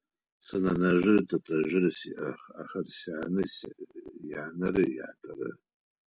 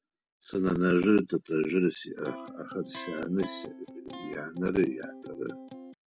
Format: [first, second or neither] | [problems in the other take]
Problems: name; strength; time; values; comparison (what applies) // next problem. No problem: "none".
first | background sound (Electric guitar); 14 dB below the speech